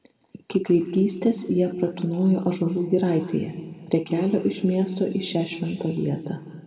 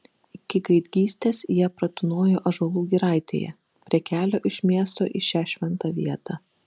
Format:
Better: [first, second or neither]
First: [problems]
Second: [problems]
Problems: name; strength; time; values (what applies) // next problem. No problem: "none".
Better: second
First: room echo; dies away in 1.5 s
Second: none